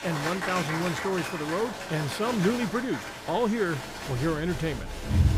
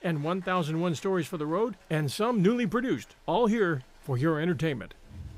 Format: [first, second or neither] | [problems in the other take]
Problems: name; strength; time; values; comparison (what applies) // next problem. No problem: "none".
second | crowd noise; loud; throughout; 4 dB below the speech; faint in the second